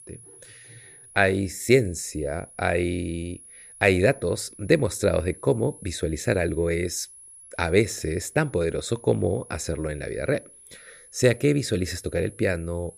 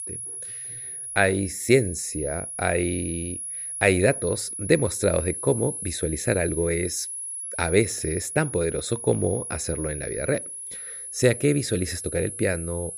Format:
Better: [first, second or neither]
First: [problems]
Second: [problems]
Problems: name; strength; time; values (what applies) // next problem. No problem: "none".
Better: first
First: high-pitched whine; faint; throughout; 10.5 kHz, 20 dB below the speech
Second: high-pitched whine; loud; throughout; 10.5 kHz, 6 dB below the speech